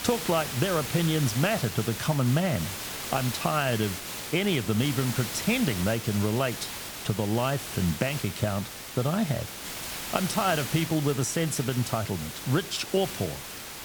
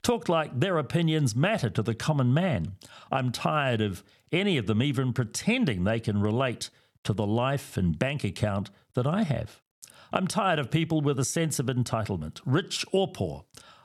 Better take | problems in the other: second | hiss; loud; throughout; 7 dB below the speech

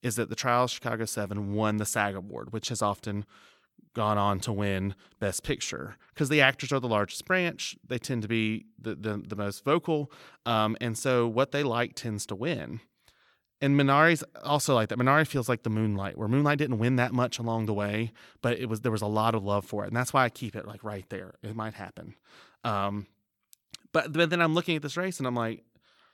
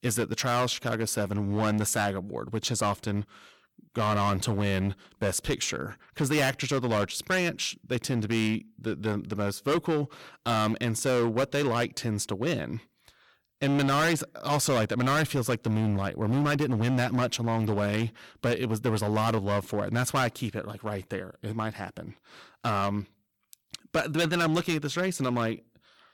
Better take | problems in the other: first | distortion; heavy; 10% of the sound clipped

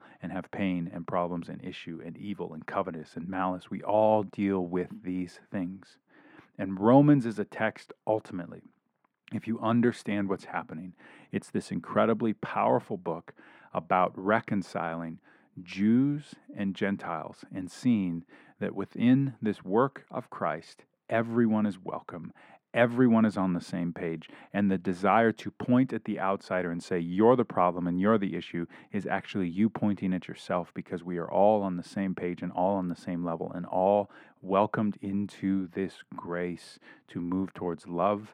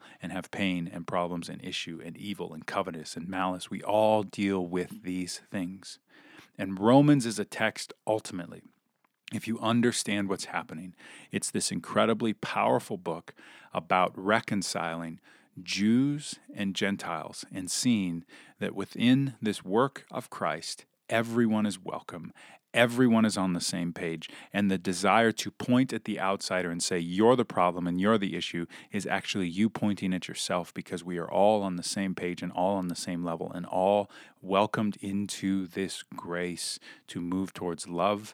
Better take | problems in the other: second | muffled; very; fading above 3 kHz

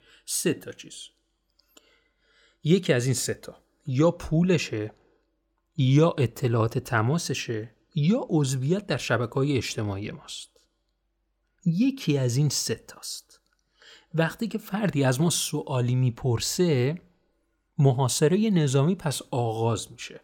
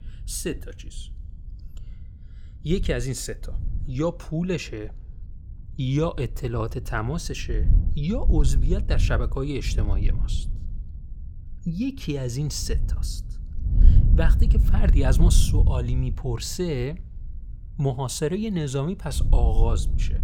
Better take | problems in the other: first | wind noise on the microphone; occasional gusts; 10 dB below the speech

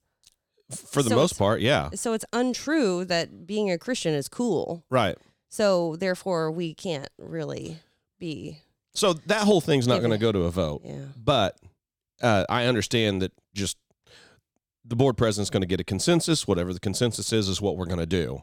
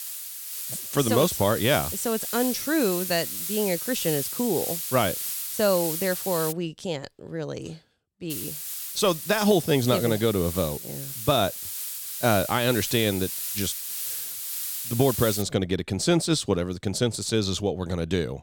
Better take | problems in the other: first | hiss; loud; until 6.5 s and from 8.5 to 15 s; 5 dB below the speech

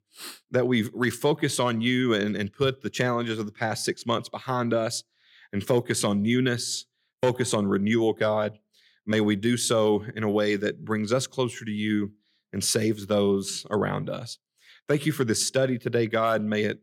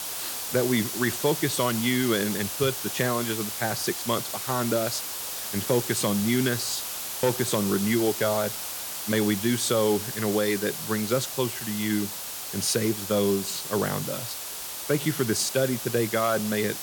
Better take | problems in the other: first | hiss; loud; throughout; 4 dB below the speech

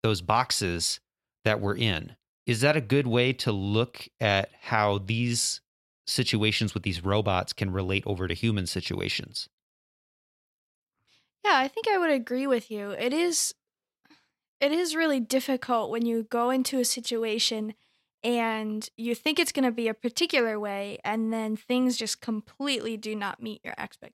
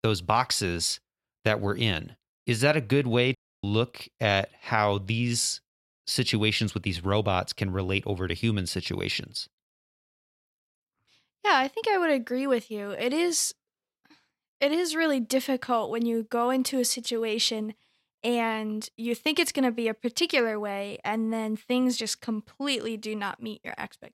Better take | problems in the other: first | audio cutting out; at 3.5 s

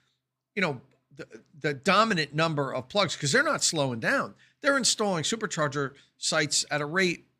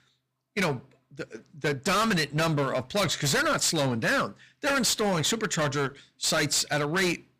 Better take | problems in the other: first | distortion; heavy; 18% of the sound clipped

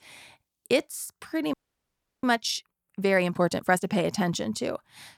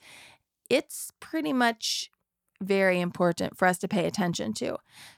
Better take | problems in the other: second | audio freezing; at 1.5 s for 0.5 s

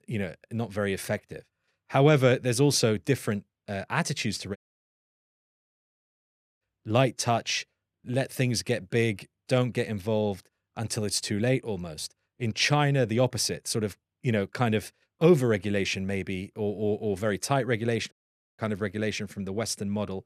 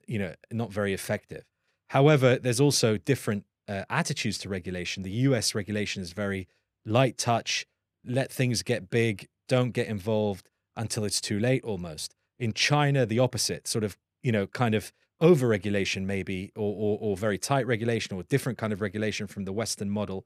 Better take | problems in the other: second | audio cutting out; at 4.5 s for 2 s and at 18 s

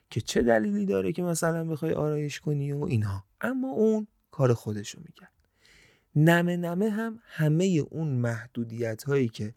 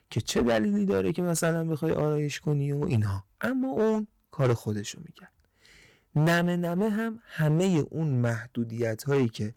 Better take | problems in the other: first | distortion; slight; 9% of the sound clipped

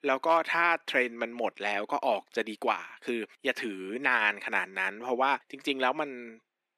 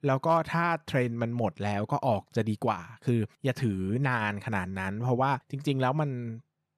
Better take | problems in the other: second | thin; somewhat; fading below 300 Hz

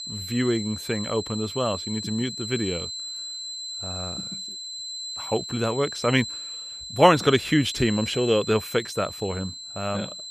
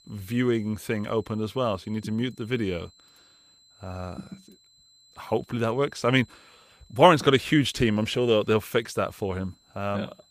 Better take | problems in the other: second | high-pitched whine; loud; throughout; 4 kHz, 8 dB below the speech; faint in the second

